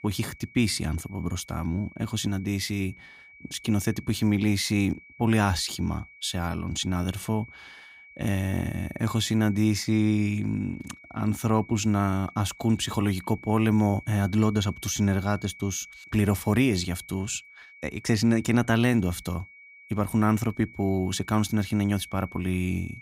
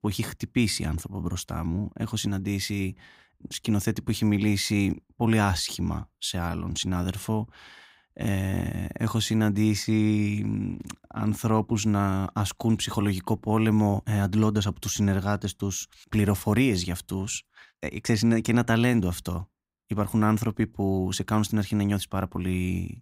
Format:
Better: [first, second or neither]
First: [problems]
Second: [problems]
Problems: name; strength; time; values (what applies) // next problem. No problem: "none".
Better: second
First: high-pitched whine; faint; throughout; 2.5 kHz, 20 dB below the speech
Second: none